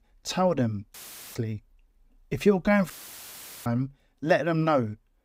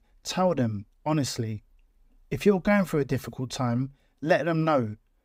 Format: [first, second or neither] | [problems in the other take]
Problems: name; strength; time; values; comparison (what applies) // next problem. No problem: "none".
second | audio cutting out; filled with static; at 1 s and at 3 s for 1 s